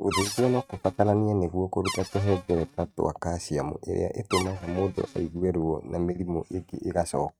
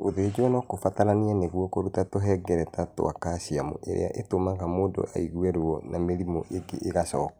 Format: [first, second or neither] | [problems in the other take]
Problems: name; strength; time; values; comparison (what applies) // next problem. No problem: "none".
second | noise reduction (neural mask model RNNoise)